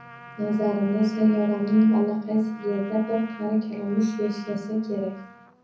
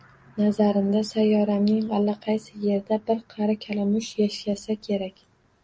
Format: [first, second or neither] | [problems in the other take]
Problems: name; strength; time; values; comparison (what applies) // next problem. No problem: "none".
second | background sound (Trumpet); 20 dB below the speech // room echo; dies away in 0.6 s